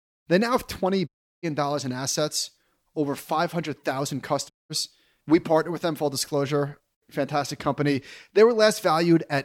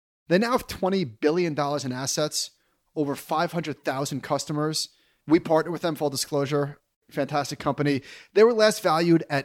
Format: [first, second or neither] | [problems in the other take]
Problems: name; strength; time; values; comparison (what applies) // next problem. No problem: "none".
second | audio cutting out; at 1 s and at 4.5 s